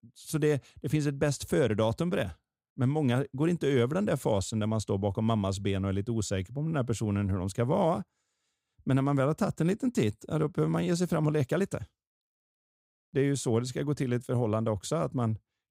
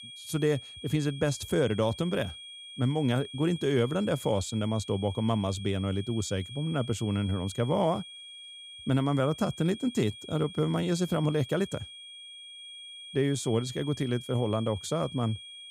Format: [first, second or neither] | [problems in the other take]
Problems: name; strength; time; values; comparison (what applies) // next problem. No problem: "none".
first | high-pitched whine; noticeable; throughout; 3.5 kHz, 15 dB below the speech